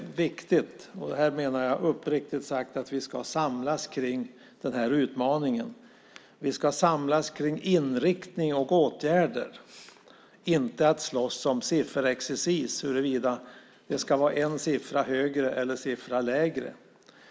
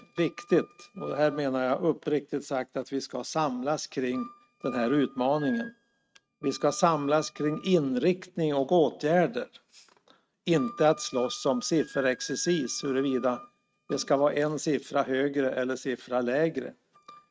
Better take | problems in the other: first | noise reduction (neural mask model RNNoise)

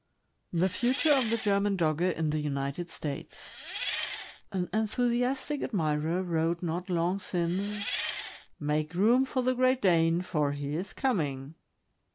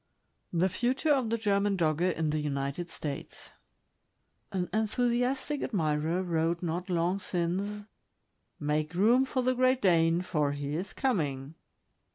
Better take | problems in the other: second | background sound (Engine); 8 dB below the speech

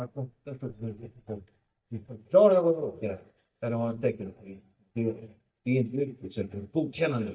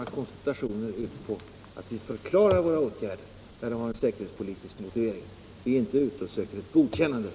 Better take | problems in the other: second | noise reduction (neural mask model DeepFilterNet 3)

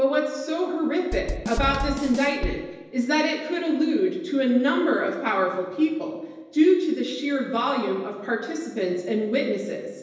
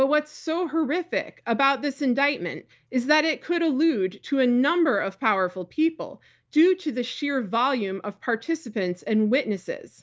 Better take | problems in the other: second | background sound (Drum / Drum kit); 6 dB below the speech // room echo; dies away in 1 s

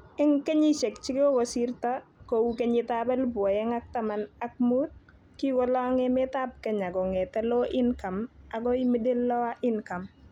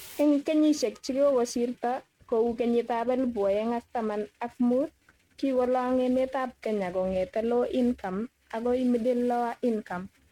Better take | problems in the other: first | noise reduction (neural mask model RNNoise)

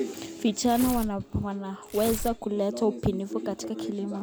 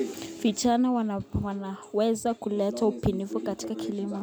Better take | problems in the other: second | background sound (Tearing); 10 dB below the speech

